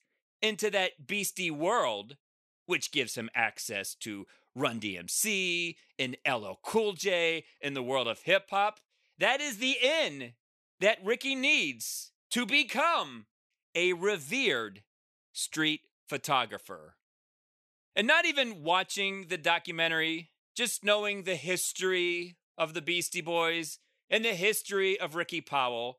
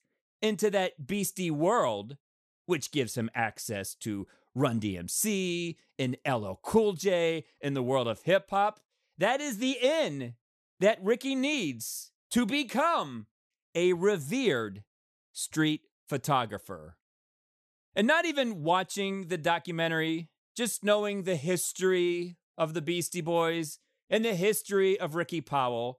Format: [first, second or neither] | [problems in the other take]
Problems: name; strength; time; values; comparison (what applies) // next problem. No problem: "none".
second | thin; very slightly; fading below 350 Hz